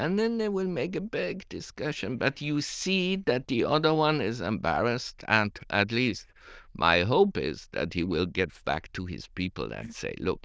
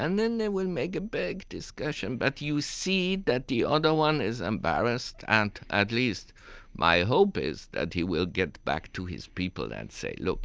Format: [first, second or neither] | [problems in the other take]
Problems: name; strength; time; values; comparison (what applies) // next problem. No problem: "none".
second | noise reduction (neural diffusion model UNIVERSE++)